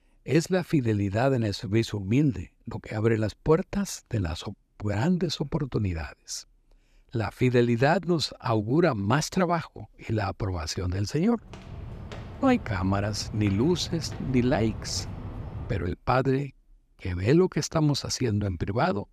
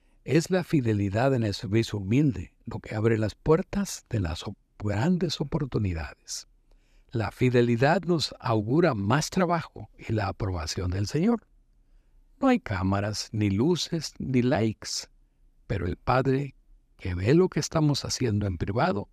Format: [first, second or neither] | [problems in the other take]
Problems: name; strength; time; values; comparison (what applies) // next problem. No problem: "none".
second | footsteps; faint; from 11 to 16 s; peak 10 dB below the speech